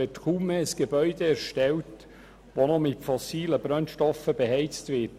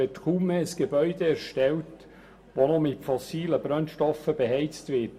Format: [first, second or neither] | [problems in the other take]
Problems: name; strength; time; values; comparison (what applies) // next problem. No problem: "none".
first | room echo; dies away in 0.2 s